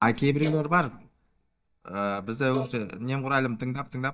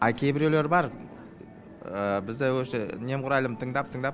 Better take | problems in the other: second | noise reduction (neural mask model DeepFilterNet 3)

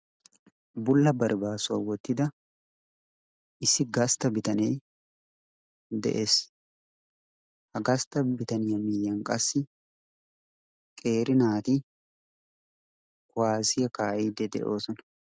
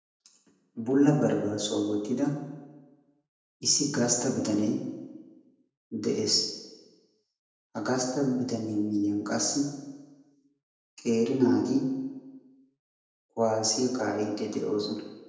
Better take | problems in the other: first | room echo; dies away in 0.9 s

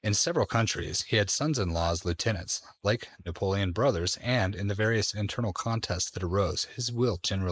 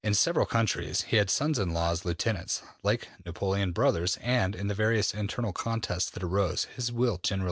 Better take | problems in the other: second | noise reduction (neural mask model Resemble Enhance denoiser)

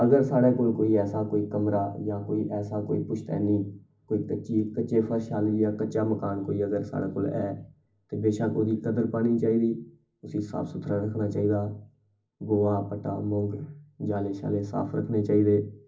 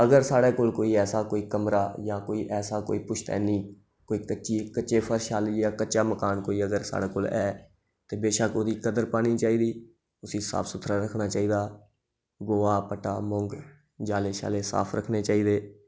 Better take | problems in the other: second | room echo; dies away in 0.4 s

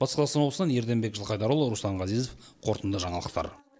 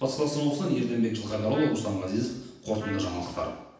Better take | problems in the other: first | background sound (Trumpet); 17 dB below the speech // room echo; dies away in 0.9 s

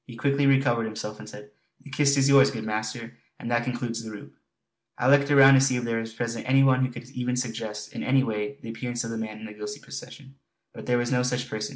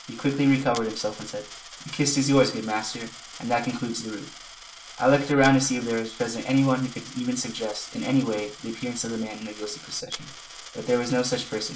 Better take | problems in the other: first | background sound (Coin (dropping)); 16 dB below the speech // room echo; dies away in 0.2 s

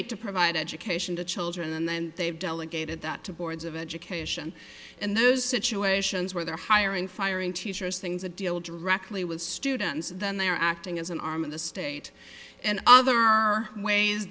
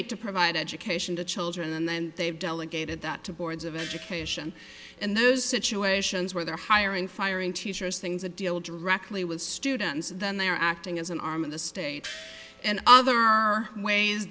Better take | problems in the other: first | background sound (Gong); 17 dB below the speech

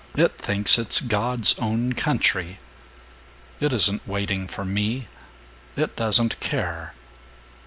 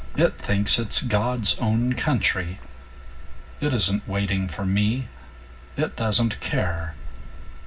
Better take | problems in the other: first | background sound (Wind); 10 dB below the speech // room echo; dies away in 0.4 s

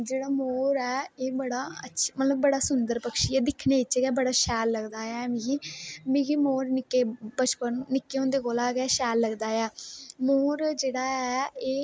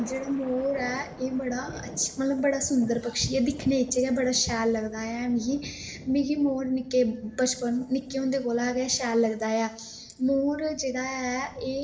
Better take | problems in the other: first | background sound (Thunder); 18 dB below the speech // room echo; dies away in 0.6 s

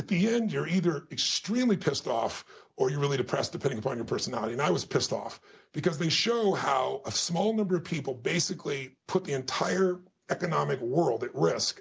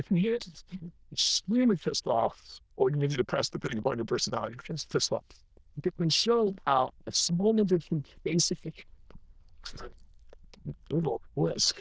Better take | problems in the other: first | noise reduction (neural diffusion model UNIVERSE++)

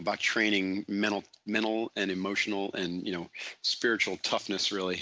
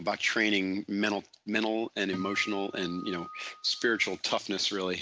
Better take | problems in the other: first | background sound (Acoustic guitar); 14 dB below the speech

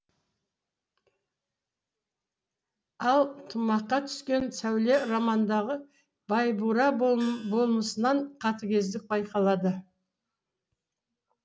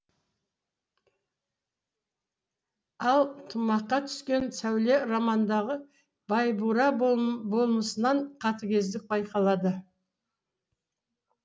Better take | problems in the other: second | background sound (Gong); 20 dB below the speech

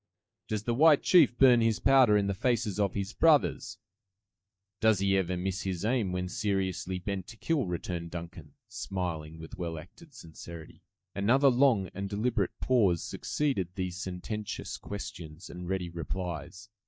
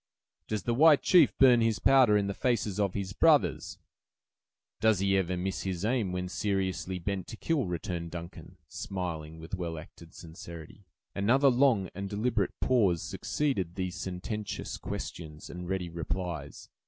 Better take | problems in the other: second | noise reduction (neural mask model DeepFilterNet 3)

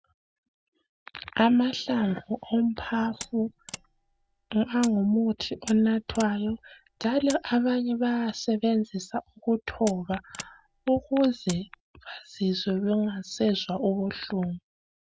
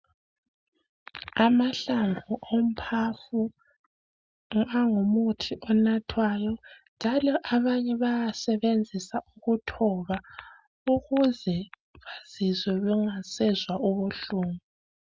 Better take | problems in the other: second | background sound (Mechanisms); 17 dB below the speech

